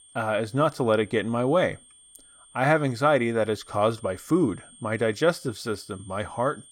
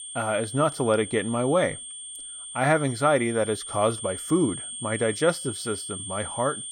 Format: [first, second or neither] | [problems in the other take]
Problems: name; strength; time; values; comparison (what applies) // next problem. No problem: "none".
first | high-pitched whine; loud; throughout; 8.5 kHz, 9 dB below the speech; faint in the first